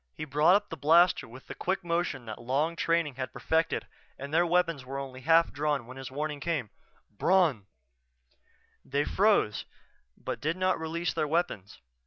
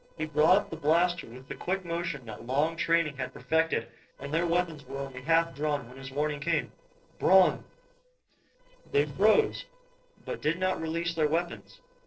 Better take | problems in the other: first | noise reduction (neural separator model SepFormer DNS4)

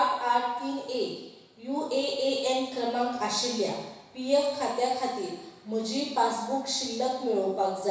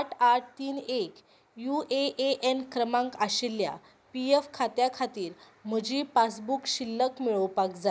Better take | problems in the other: second | room echo; dies away in 1.1 s

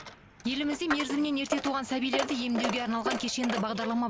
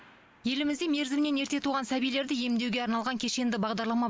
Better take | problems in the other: second | background sound (Coin (dropping)); 6 dB below the speech

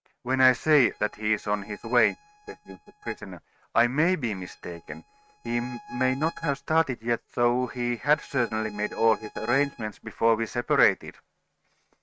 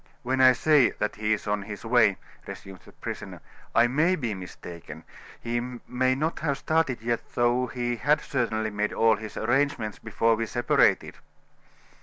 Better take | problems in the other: second | noise reduction (neural mask model RNNoise)

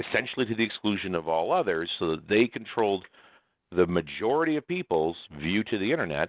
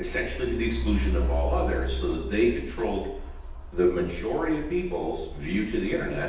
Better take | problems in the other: first | background sound (Truck); 3 dB below the speech // room echo; dies away in 0.9 s

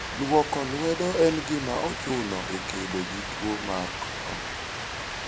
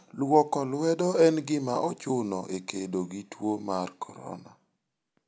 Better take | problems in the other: second | background sound (Rain); 5 dB below the speech

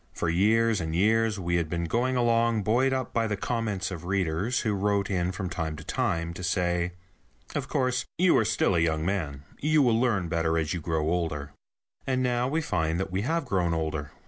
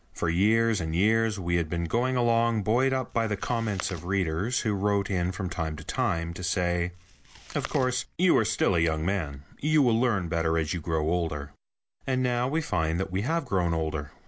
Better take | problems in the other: first | background sound (Chewing, mastication); 18 dB below the speech

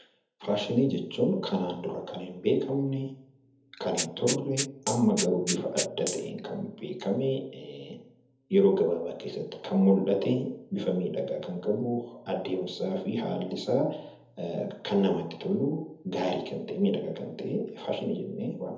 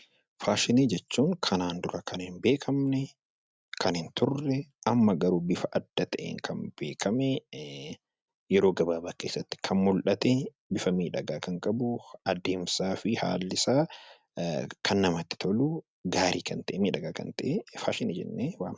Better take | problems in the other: second | background sound (Rattle (instrument)); 7 dB below the speech // room echo; dies away in 0.7 s

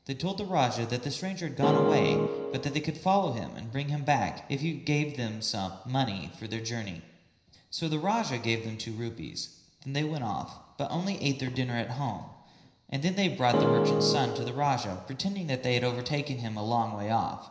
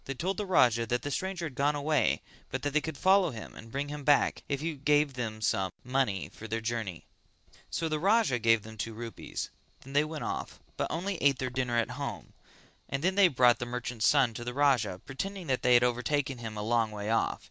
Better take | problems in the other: second | background sound (Keyboard (musical)); 4 dB above the speech // room echo; dies away in 0.9 s

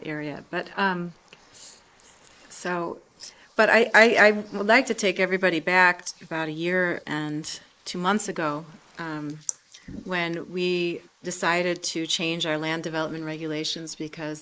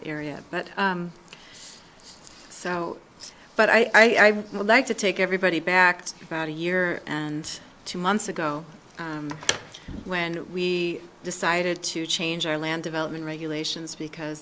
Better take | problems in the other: second | noise reduction (neural mask model Resemble Enhance denoiser)

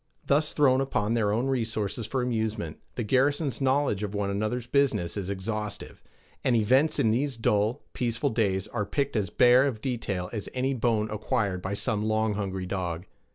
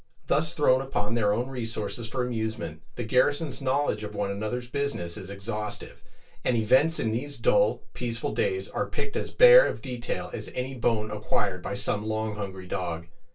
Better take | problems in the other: first | room echo; dies away in 0.2 s

